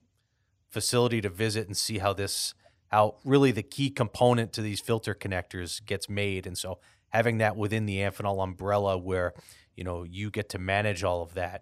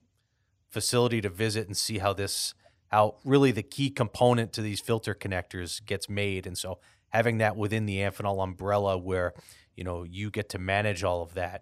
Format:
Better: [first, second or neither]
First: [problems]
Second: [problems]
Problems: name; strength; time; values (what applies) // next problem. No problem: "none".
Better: neither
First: none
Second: none